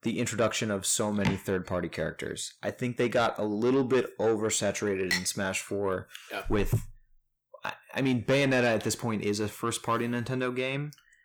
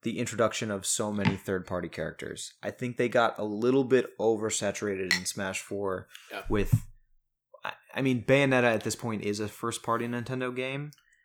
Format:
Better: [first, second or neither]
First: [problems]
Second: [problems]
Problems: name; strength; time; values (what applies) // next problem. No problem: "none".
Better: second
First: distortion; slight; 10 dB below the speech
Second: none